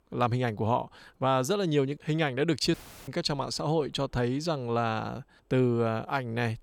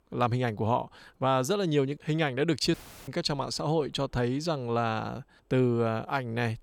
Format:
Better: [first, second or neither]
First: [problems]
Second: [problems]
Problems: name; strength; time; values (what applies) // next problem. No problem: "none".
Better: neither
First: audio cutting out; filled with static; at 2.5 s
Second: audio cutting out; filled with static; at 2.5 s